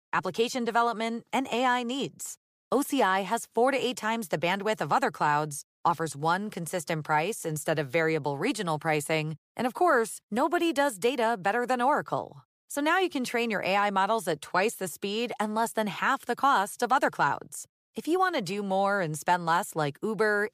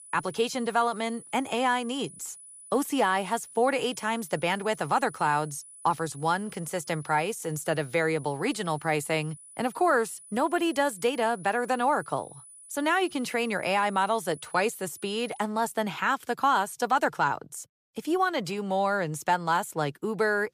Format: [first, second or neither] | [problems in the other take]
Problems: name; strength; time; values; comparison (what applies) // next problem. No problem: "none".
first | high-pitched whine; noticeable; until 15 s; 10 kHz, 20 dB below the speech